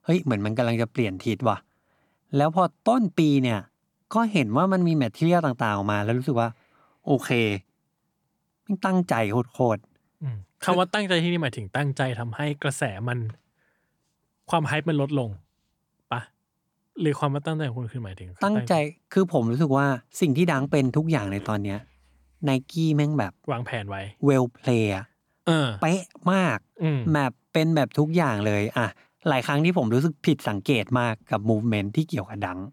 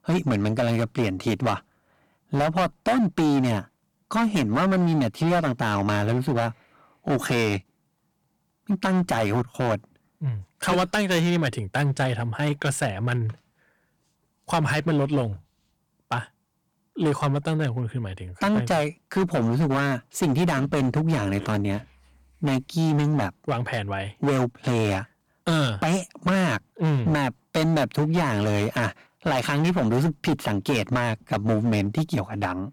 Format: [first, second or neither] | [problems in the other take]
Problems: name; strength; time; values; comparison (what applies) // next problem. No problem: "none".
first | distortion; heavy; 12% of the sound clipped